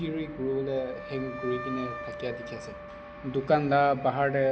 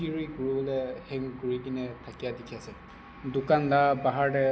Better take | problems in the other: second | background sound (Wind instrument, woodwind instrument); 13 dB below the speech

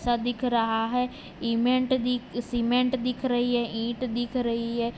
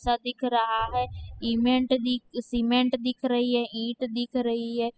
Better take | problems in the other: first | noise reduction (classical method spectral subtraction)

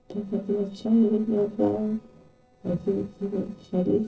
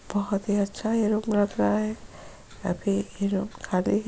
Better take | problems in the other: second | noise reduction (neural separator model SepFormer DNS4)

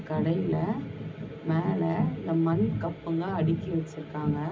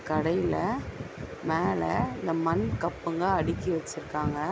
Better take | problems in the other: second | room echo; dies away in 0.4 s

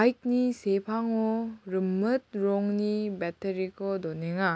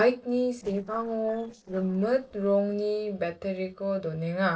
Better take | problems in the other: first | noise reduction (neural separator model SepFormer DNS4)

